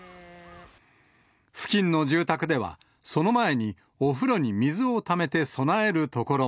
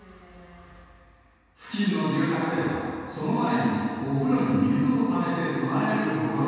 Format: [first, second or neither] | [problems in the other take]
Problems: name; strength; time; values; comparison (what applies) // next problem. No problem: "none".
first | room echo; dies away in 2.1 s